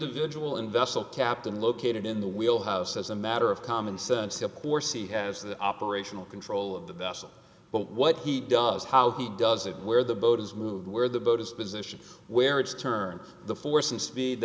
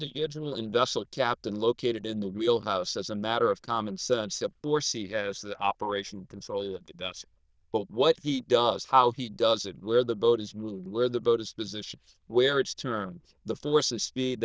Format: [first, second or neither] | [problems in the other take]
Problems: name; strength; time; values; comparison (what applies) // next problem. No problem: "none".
first | noise reduction (neural diffusion model UNIVERSE++)